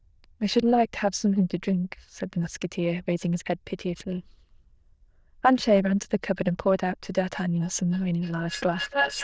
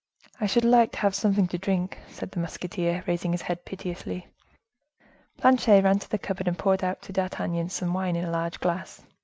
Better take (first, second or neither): second